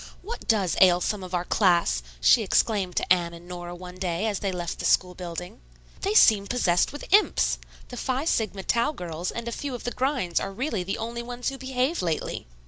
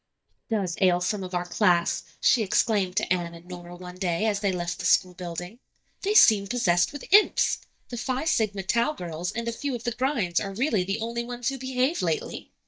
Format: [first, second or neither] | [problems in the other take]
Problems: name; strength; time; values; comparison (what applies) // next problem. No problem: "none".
first | noise reduction (neural mask model DeepFilterNet 3)